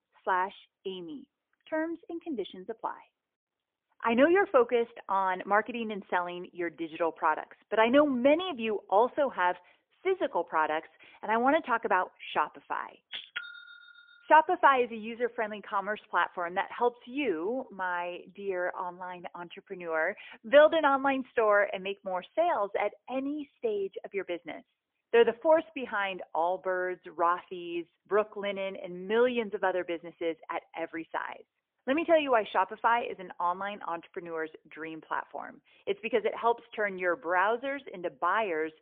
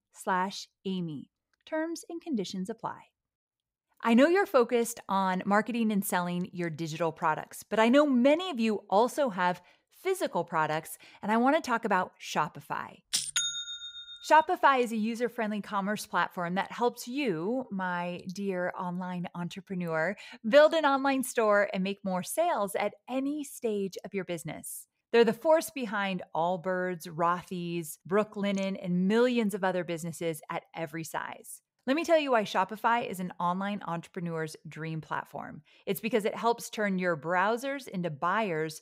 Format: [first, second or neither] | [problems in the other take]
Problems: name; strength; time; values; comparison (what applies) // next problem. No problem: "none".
second | phone-call audio; poor line